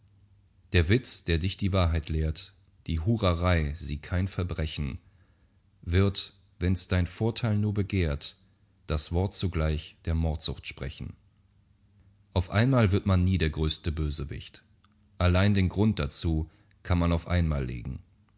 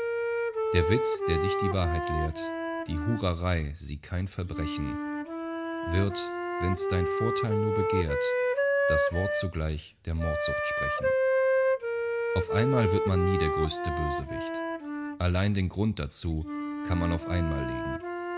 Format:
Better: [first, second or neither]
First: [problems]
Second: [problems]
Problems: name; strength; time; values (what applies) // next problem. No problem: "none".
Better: first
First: none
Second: background sound (Wind instrument, woodwind instrument); 1 dB above the speech